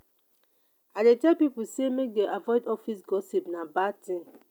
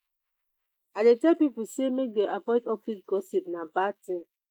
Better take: first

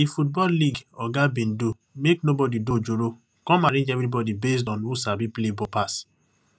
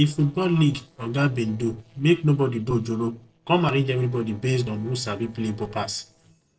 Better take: first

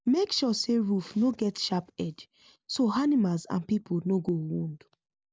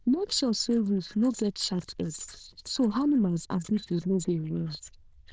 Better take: first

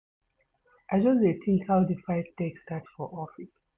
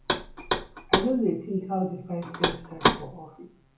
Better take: first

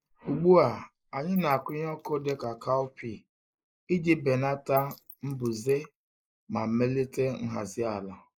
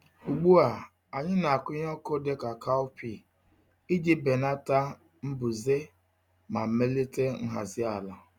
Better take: second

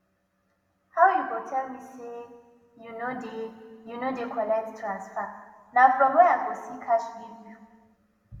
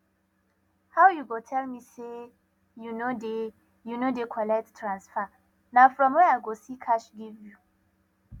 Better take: second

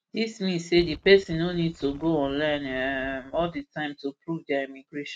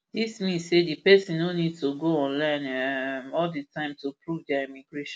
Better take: second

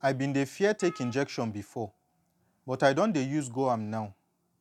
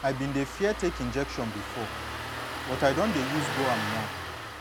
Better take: first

